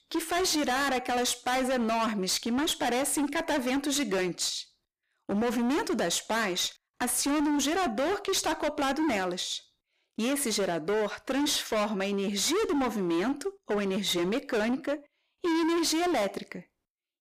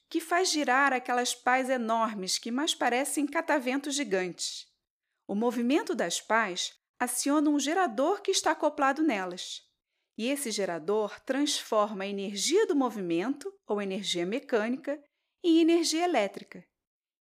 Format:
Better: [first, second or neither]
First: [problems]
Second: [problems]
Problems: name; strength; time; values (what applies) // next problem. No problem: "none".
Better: second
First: distortion; heavy; 28% of the sound clipped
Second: none